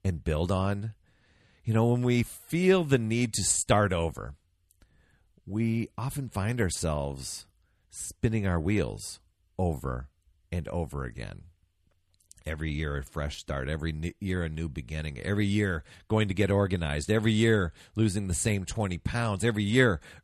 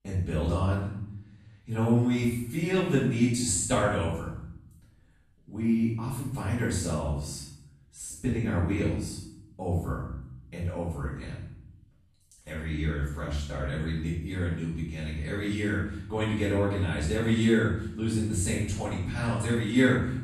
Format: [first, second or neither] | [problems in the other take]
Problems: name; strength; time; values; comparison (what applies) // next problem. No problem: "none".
first | room echo; noticeable; dies away in 0.7 s // off-mic speech; far